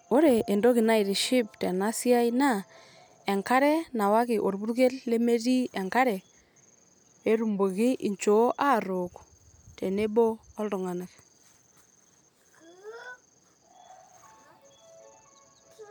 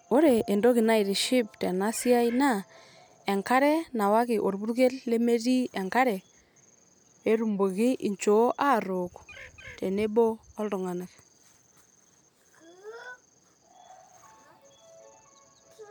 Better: first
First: none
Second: background sound (Bird); 19 dB below the speech

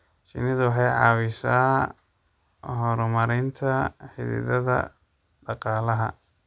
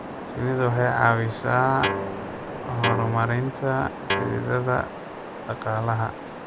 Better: first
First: none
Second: background sound (Waves, surf + Guitar); 6 dB below the speech

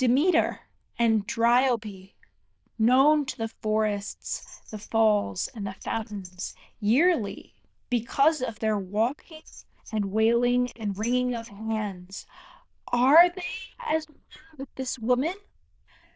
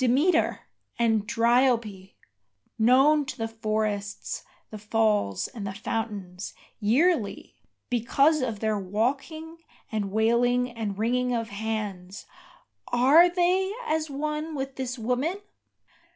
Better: second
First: noise reduction (neural diffusion model UNIVERSE++)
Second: none

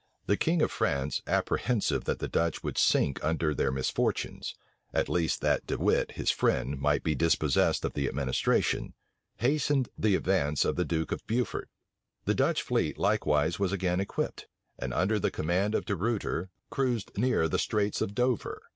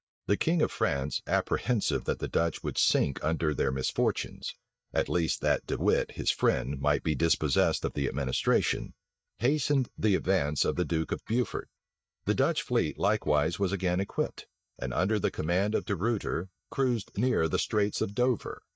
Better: first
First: none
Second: noise reduction (neural mask model DeepFilterNet 3)

